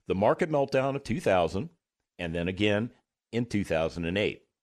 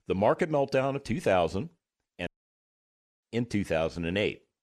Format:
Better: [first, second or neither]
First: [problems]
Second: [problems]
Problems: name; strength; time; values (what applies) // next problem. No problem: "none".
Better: first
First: none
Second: audio cutting out; at 2.5 s for 1 s